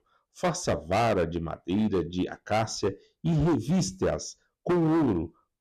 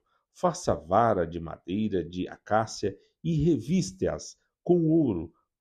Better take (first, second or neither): second